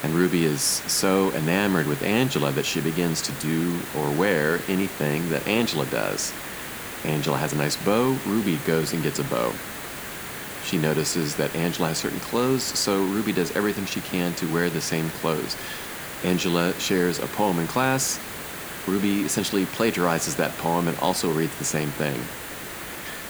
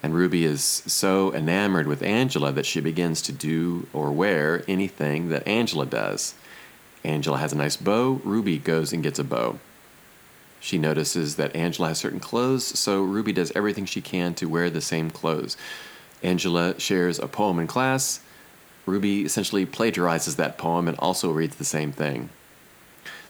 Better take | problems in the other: second | hiss; loud; throughout; 9 dB below the speech; faint in the second

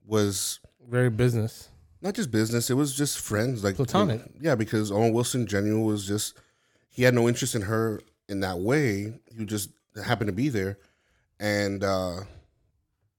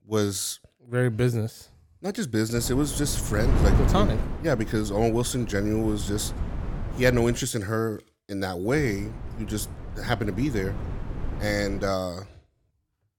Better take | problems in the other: first | wind noise on the microphone; occasional gusts; from 2.5 to 7.5 s and from 8.5 to 12 s; 10 dB below the speech

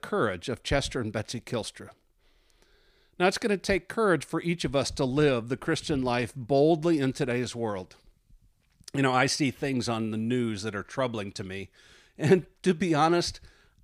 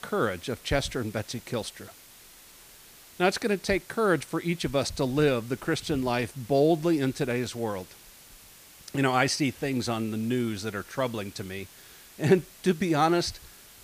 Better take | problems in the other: first | hiss; faint; throughout; 20 dB below the speech

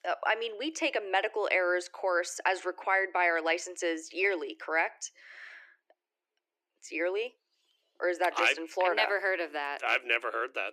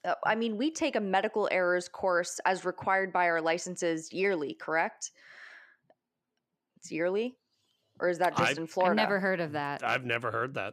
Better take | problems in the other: second | thin; very; fading below 350 Hz

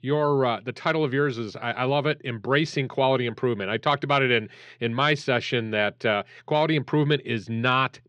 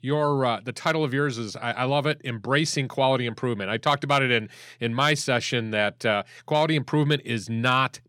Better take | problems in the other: second | muffled; very slightly; fading above 3 kHz

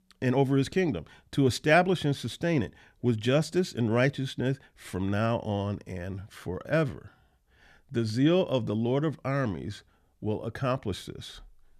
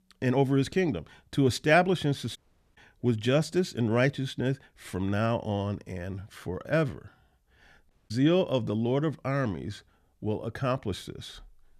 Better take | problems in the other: first | audio cutting out; at 2.5 s and at 8 s

